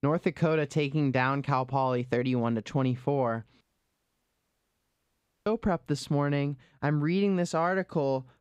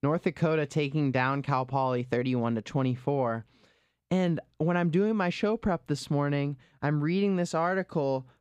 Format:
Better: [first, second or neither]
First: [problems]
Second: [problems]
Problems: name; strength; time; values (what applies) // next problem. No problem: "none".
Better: second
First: audio cutting out; at 3.5 s for 2 s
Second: none